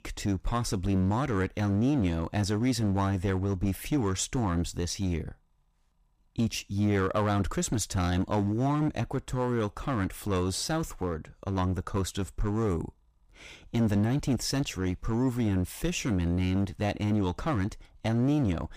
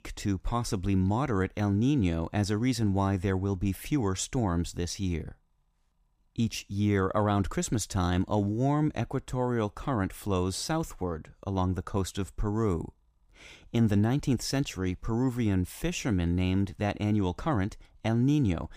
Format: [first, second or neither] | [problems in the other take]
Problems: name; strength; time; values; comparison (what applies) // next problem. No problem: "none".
second | distortion; slight; 7% of the sound clipped